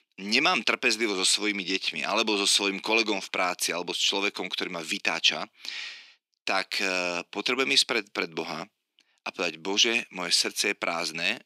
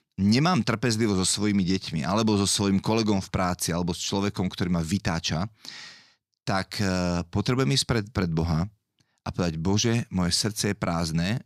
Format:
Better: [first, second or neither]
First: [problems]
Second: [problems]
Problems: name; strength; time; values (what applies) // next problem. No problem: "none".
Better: second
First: thin; somewhat; fading below 300 Hz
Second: none